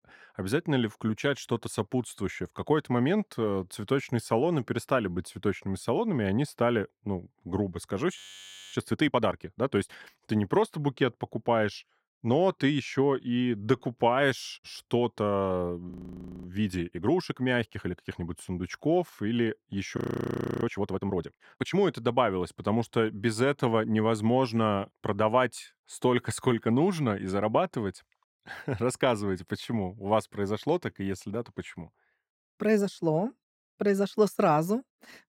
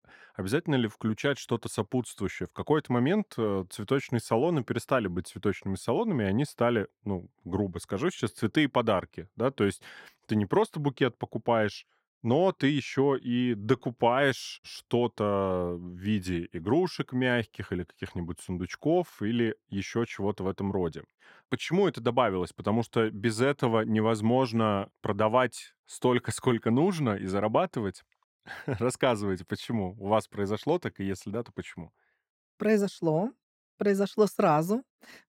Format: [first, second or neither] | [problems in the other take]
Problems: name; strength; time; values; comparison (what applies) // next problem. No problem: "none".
second | audio freezing; at 8 s for 0.5 s, at 16 s for 0.5 s and at 20 s for 0.5 s